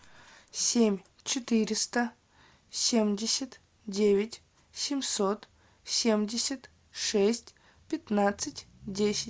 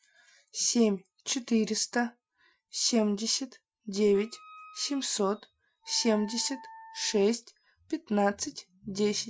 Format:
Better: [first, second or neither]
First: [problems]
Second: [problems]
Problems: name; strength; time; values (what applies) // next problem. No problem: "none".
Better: first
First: none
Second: noise reduction (classical method Wiener filter)